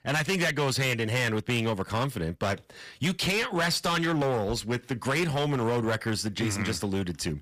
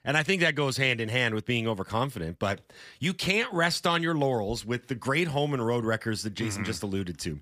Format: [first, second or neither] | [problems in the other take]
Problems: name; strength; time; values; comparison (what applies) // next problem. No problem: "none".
second | distortion; heavy; 12% of the sound clipped